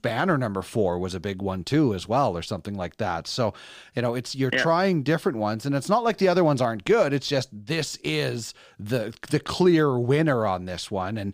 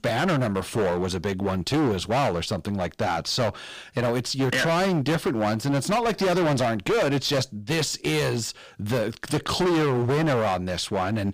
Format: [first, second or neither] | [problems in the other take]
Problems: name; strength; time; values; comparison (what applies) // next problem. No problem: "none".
first | distortion; heavy; 22% of the sound clipped